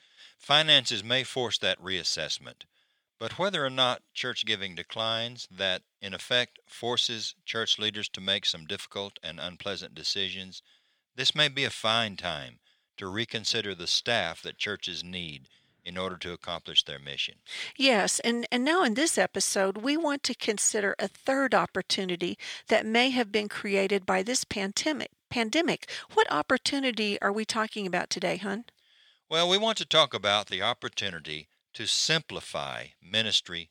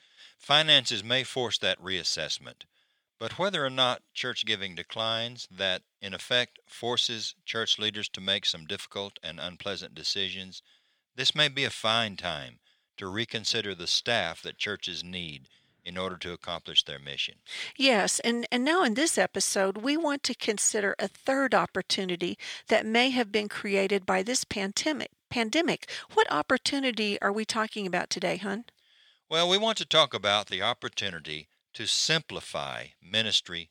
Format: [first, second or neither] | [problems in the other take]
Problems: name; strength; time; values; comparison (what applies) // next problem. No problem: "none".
neither | thin; somewhat; fading below 450 Hz; the same in both